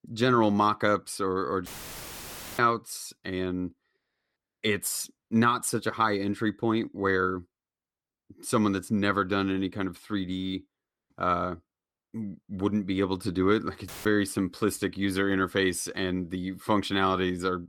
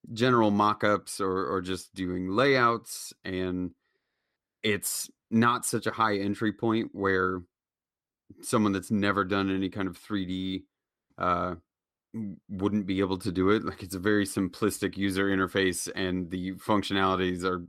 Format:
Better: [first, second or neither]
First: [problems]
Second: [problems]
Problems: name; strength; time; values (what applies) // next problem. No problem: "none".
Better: second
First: audio cutting out; filled with static; at 1.5 s for 1 s and at 14 s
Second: none